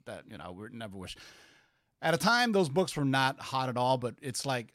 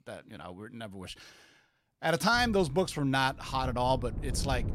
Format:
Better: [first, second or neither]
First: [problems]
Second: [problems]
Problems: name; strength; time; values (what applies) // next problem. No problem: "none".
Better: first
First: none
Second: wind noise on the microphone; occasional gusts; from 2.5 s on; 20 dB below the speech